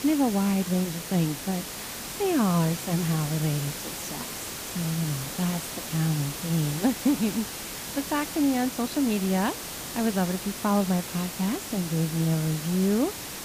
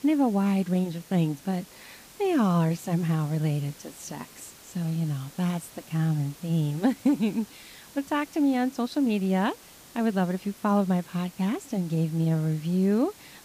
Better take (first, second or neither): second